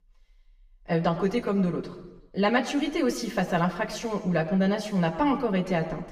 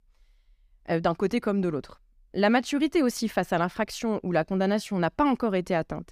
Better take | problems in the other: second | room echo; slight; dies away in 1 s // off-mic speech; somewhat distant

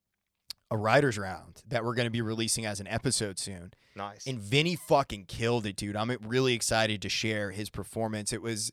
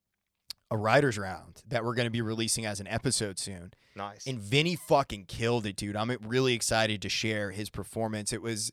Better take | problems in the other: neither | none

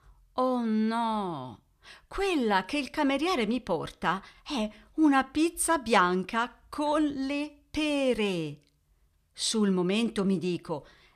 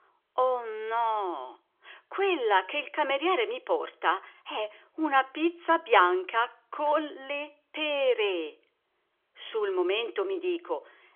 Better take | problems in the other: first | phone-call audio; nothing above 3.5 kHz

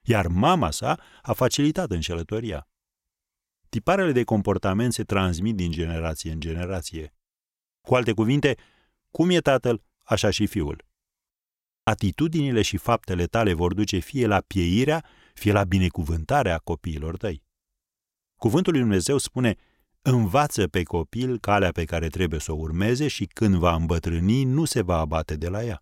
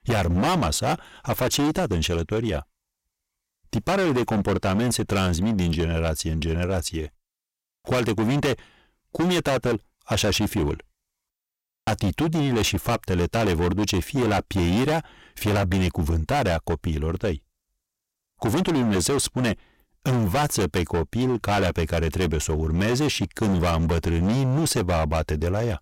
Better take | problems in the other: first | distortion; heavy; 23% of the sound clipped

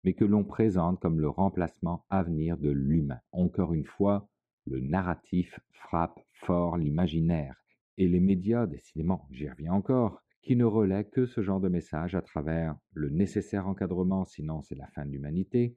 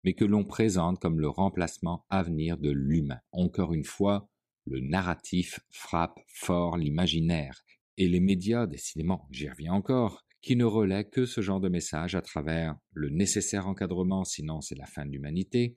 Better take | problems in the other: second | muffled; very; fading above 3 kHz

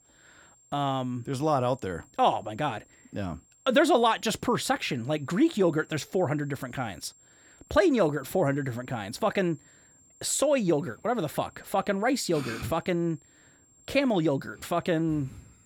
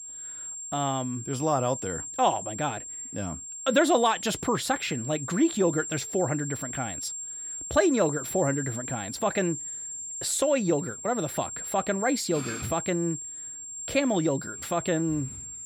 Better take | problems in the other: first | high-pitched whine; loud; throughout; 7.5 kHz, 7 dB below the speech; faint in the first

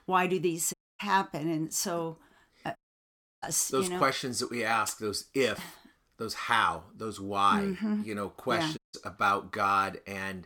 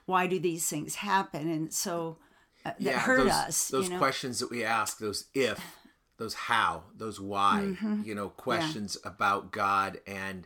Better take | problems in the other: second | audio cutting out; at 0.5 s, at 3 s for 0.5 s and at 9 s

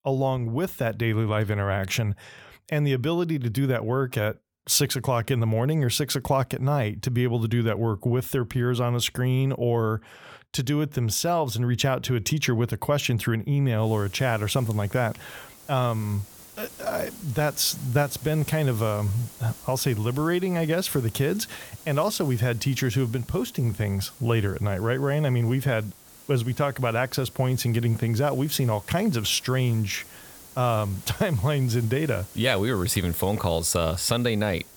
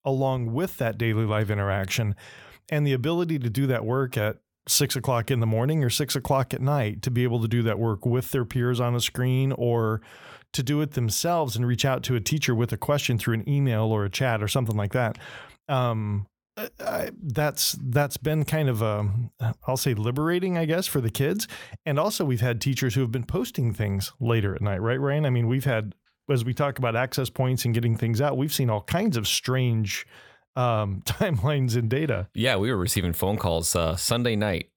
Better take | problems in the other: second | hiss; noticeable; from 14 s on; 20 dB below the speech

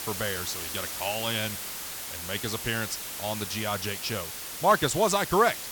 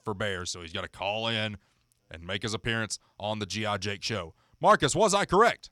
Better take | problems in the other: second | hiss; loud; throughout; 5 dB below the speech

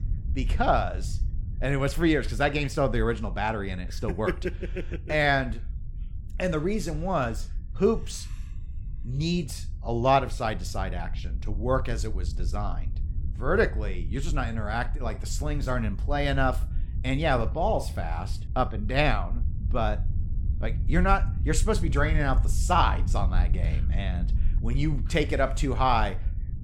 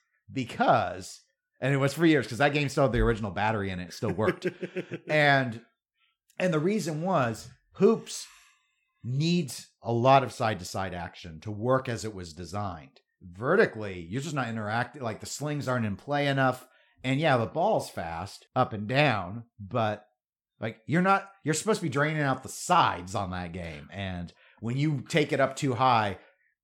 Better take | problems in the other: second | low rumble; faint; throughout; 20 dB below the speech

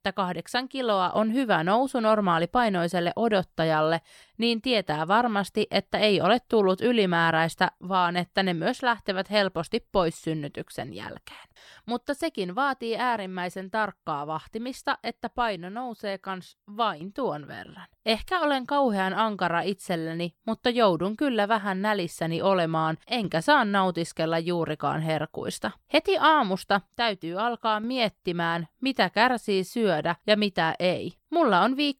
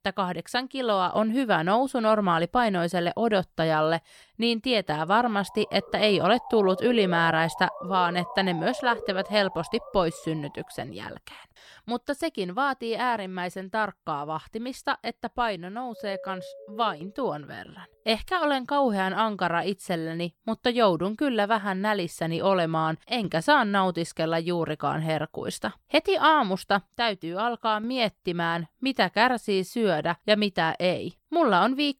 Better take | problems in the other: first | siren; noticeable; from 5 to 11 s; peak 8 dB below the speech // doorbell; faint; from 16 to 17 s; peak 15 dB below the speech

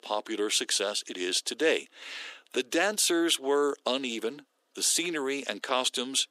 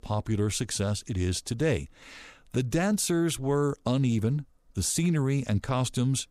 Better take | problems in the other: second | thin; very; fading below 300 Hz

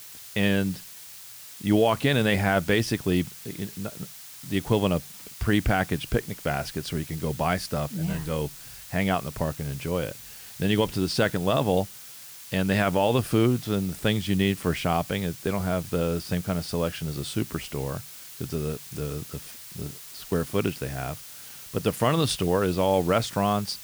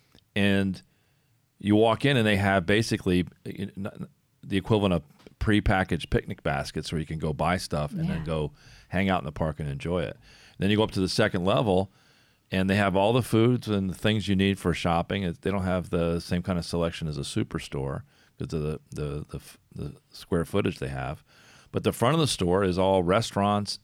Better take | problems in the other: second | hiss; noticeable; throughout; 15 dB below the speech

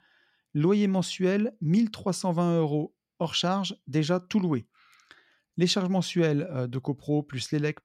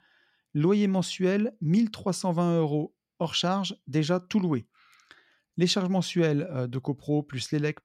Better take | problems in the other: neither | none

